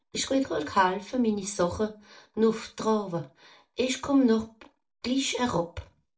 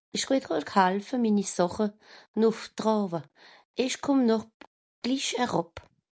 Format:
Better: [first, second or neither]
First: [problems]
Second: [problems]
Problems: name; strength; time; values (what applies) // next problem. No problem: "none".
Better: second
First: room echo; dies away in 0.2 s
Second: none